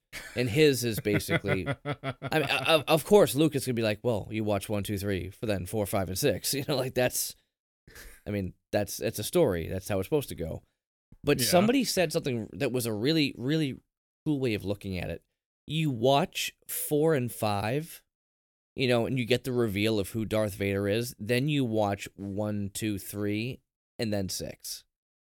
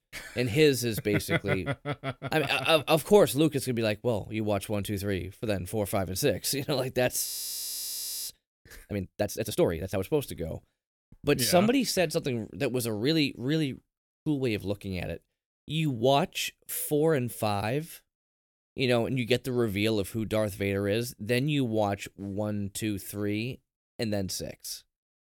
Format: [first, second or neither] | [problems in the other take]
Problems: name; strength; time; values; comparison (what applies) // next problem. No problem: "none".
first | audio freezing; at 7.5 s for 1 s